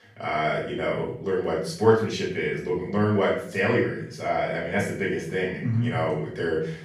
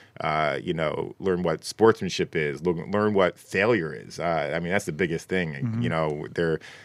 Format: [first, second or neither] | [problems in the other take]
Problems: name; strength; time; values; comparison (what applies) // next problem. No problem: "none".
second | off-mic speech; far // room echo; noticeable; dies away in 0.5 s